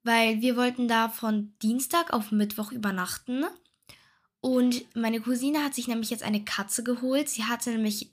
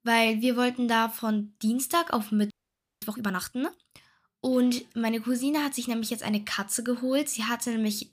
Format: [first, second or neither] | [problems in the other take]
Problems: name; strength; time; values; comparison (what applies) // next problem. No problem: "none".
first | audio freezing; at 2.5 s for 0.5 s